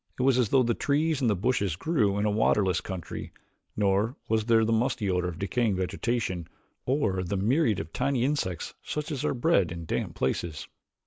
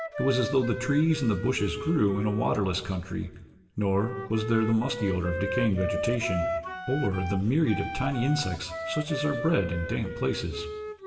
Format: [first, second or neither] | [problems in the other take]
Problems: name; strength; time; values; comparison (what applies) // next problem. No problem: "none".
first | background sound (Wind instrument, woodwind instrument); 8 dB below the speech // room echo; dies away in 1 s